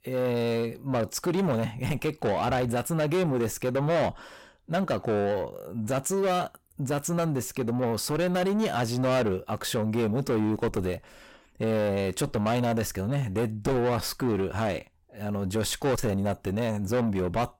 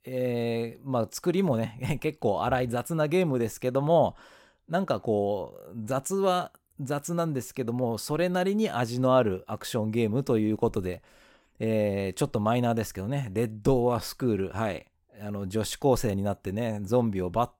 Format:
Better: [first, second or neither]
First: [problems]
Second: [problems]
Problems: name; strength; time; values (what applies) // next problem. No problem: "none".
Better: second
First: distortion; heavy; 8 dB below the speech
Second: none